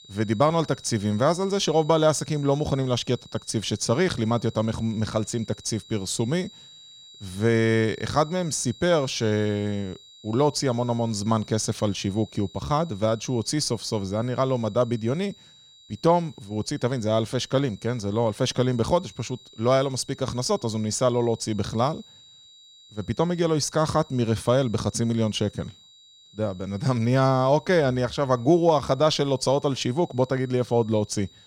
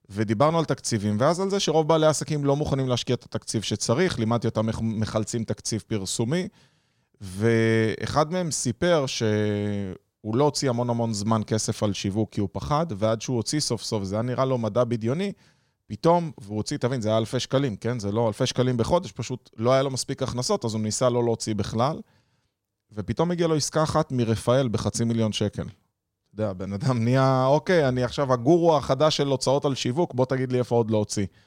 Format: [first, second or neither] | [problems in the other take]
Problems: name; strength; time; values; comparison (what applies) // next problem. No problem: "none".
second | high-pitched whine; faint; throughout; 4 kHz, 25 dB below the speech